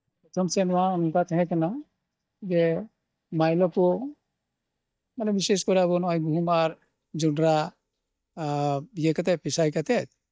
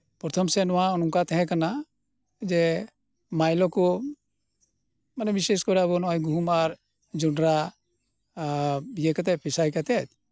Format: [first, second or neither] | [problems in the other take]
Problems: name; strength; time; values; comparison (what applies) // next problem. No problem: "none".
second | noise reduction (neural mask model DeepFilterNet 3)